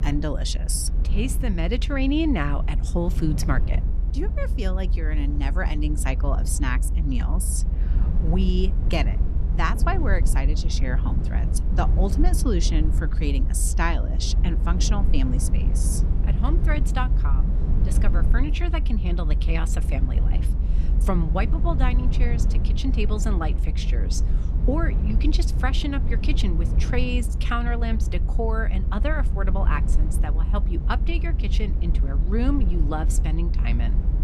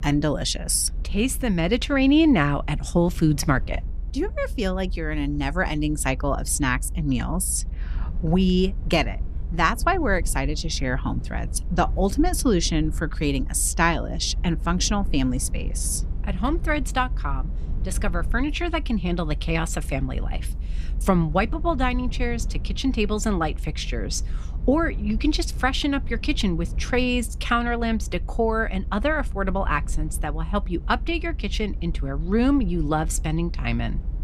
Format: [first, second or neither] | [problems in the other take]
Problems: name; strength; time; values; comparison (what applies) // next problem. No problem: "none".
second | low rumble; loud; throughout; 10 dB below the speech; faint in the second